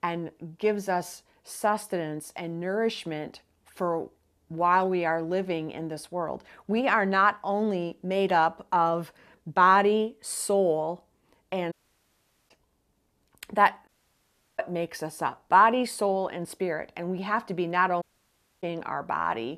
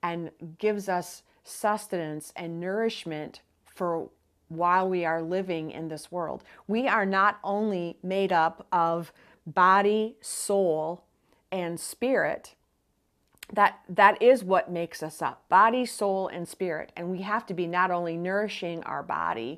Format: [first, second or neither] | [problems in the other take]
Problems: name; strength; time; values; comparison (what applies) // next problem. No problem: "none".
second | audio cutting out; at 12 s for 1 s, at 14 s for 0.5 s and at 18 s for 0.5 s